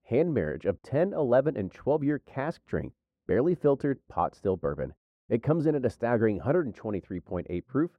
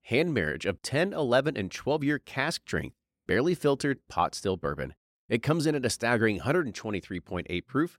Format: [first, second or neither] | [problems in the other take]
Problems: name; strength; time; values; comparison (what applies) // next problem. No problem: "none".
second | muffled; very; fading above 2 kHz